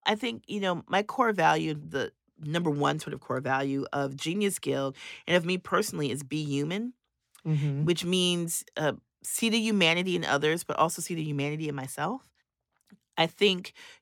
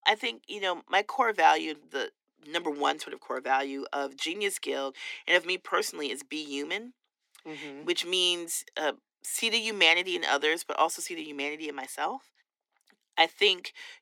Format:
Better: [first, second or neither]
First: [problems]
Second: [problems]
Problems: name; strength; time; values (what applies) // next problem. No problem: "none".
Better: first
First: none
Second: thin; somewhat; fading below 300 Hz